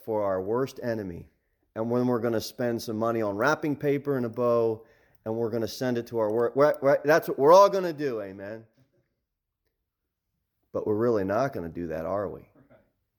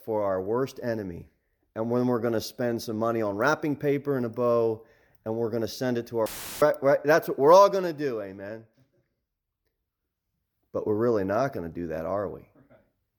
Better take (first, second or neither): first